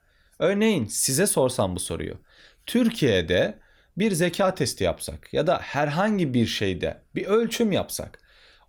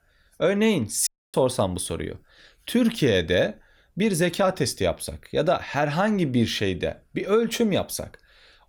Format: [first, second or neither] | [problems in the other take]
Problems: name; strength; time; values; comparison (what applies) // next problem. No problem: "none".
first | audio cutting out; at 1 s